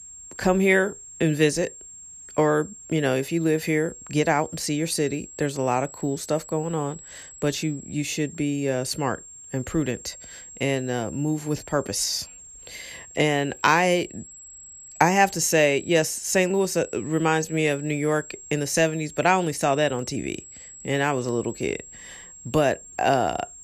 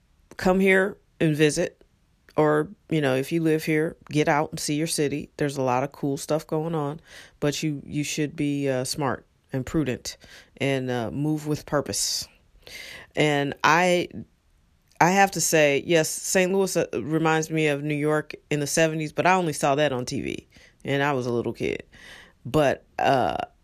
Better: second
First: high-pitched whine; noticeable; throughout; 7.5 kHz, 15 dB below the speech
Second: none

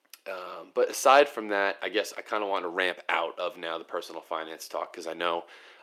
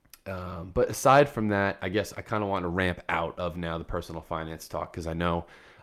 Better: second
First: thin; somewhat; fading below 350 Hz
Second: none

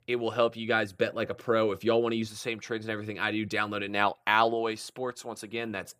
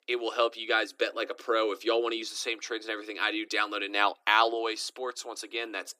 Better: first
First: none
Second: thin; very; fading below 300 Hz

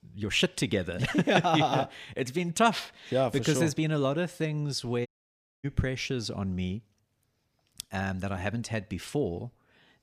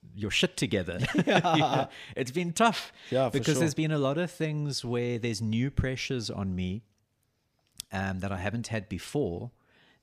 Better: second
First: audio cutting out; at 5 s for 0.5 s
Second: none

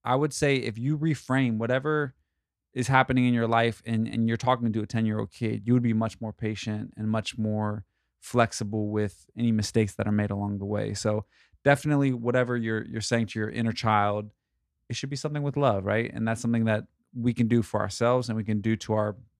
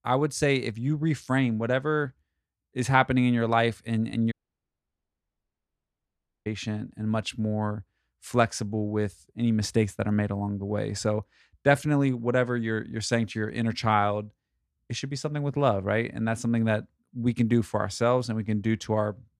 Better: first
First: none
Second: audio cutting out; at 4.5 s for 2 s

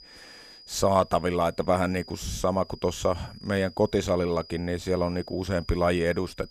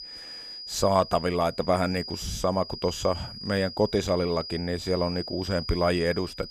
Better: first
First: high-pitched whine; faint; throughout; 5 kHz, 20 dB below the speech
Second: high-pitched whine; loud; throughout; 5 kHz, 10 dB below the speech

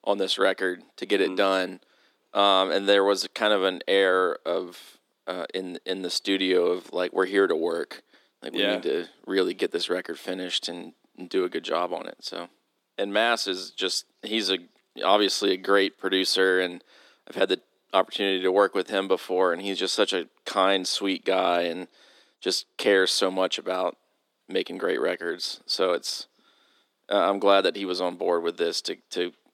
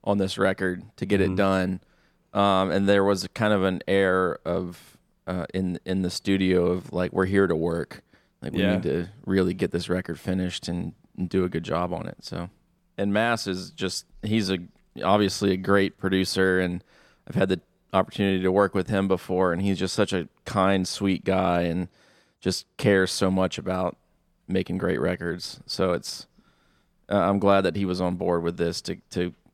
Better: second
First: thin; somewhat; fading below 300 Hz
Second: none

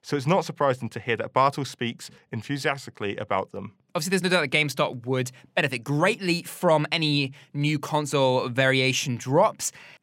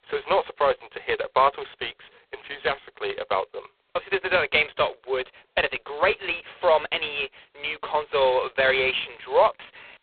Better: first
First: none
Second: phone-call audio; poor line; nothing above 4 kHz

